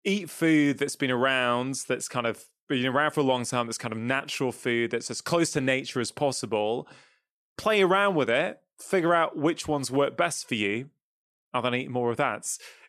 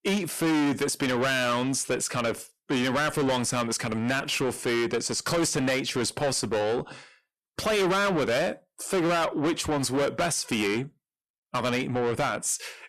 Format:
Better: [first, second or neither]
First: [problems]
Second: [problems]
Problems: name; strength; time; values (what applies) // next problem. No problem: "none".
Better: first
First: none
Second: distortion; heavy; 5 dB below the speech